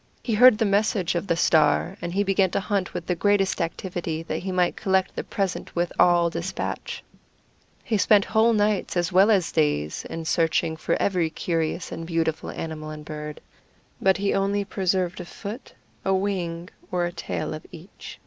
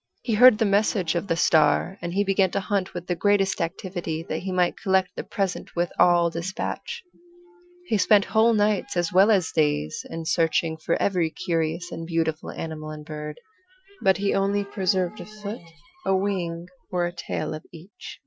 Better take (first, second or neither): first